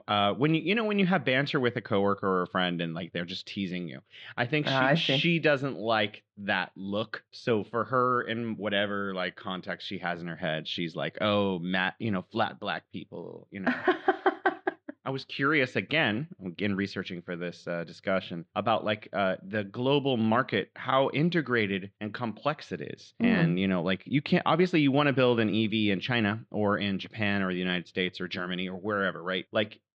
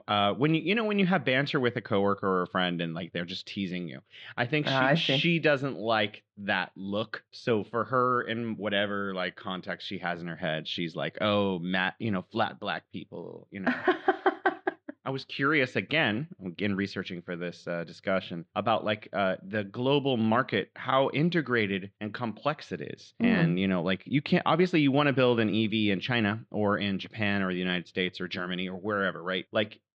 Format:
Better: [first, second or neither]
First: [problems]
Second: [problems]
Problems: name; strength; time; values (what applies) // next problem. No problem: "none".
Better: neither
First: muffled; very; fading above 3.5 kHz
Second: muffled; very; fading above 3.5 kHz